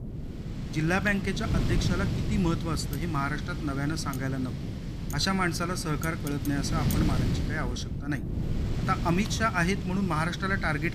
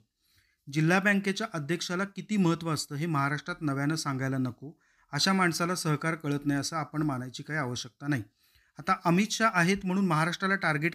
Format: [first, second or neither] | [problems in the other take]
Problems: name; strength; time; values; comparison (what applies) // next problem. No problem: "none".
second | wind noise on the microphone; heavy; 9 dB below the speech